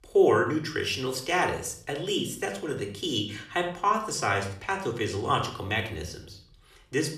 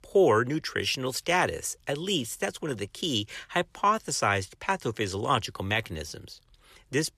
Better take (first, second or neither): second